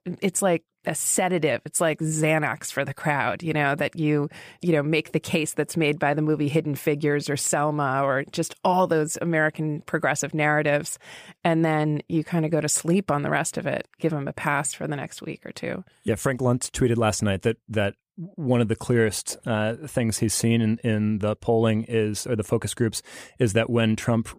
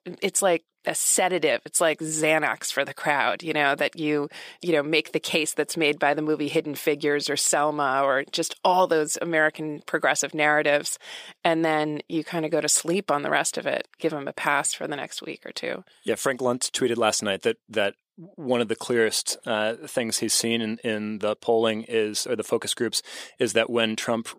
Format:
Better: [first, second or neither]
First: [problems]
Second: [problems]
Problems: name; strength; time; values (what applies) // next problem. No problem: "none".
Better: first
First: none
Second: thin; somewhat; fading below 350 Hz